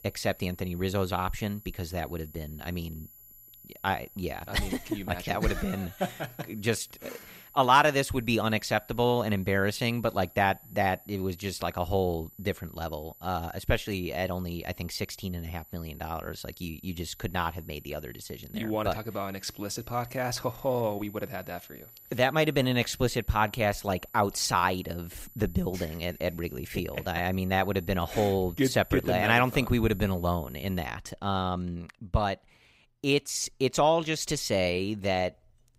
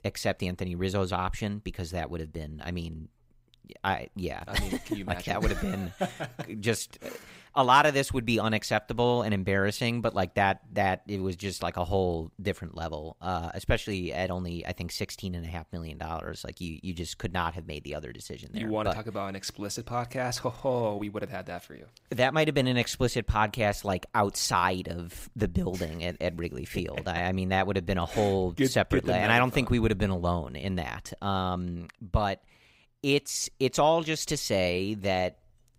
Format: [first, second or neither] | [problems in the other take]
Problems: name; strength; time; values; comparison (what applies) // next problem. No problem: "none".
second | high-pitched whine; faint; until 31 s; 12 kHz, 20 dB below the speech